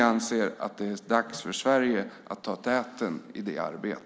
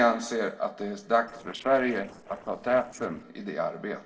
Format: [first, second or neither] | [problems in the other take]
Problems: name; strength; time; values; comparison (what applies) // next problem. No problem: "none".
first | noise reduction (neural separator model SepFormer DNS4)